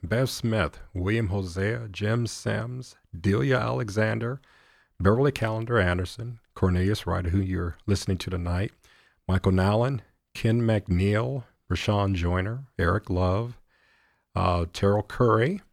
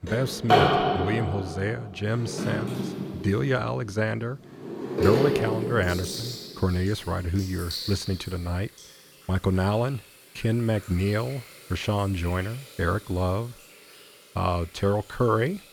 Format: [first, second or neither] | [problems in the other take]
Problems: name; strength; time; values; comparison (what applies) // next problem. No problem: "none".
first | household noises; loud; throughout; as loud as the speech